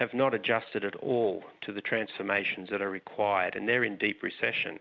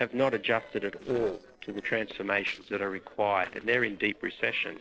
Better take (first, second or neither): first